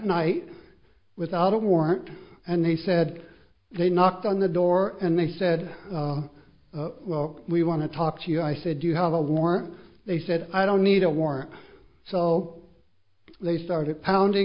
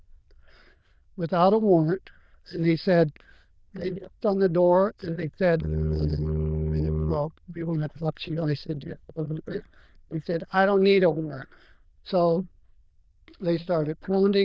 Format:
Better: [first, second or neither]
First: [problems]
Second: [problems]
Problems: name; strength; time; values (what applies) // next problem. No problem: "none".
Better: first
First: none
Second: noise reduction (neural diffusion model UNIVERSE++)